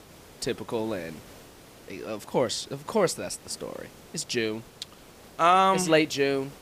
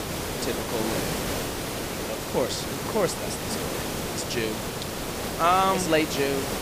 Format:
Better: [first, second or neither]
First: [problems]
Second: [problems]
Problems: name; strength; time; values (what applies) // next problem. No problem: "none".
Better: first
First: hiss; faint; throughout; 25 dB below the speech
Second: hiss; loud; throughout; 2 dB below the speech